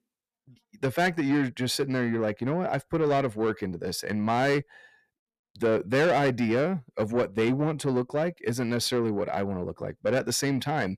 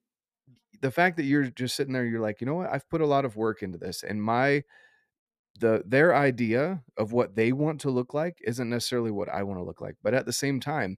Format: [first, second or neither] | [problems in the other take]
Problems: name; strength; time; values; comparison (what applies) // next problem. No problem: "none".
second | distortion; slight; 10 dB below the speech